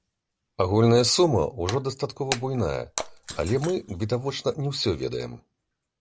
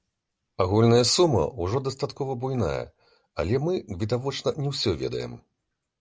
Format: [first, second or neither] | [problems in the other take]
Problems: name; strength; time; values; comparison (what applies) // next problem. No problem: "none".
second | background sound (Shatter); 14 dB below the speech